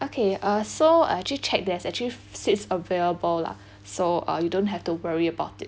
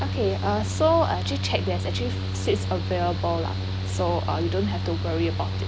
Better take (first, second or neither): first